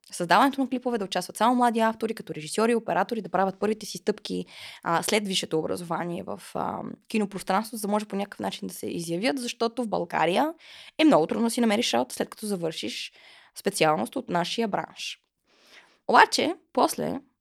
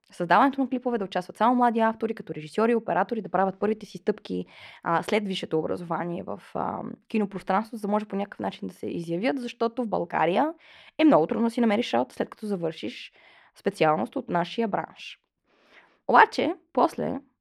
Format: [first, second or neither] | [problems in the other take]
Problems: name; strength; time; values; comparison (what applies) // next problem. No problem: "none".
first | muffled; slightly; fading above 3.5 kHz